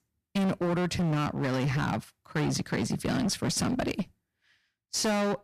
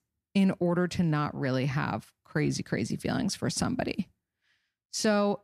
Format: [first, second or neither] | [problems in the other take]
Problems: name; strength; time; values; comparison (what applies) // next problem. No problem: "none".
second | distortion; heavy; 22% of the sound clipped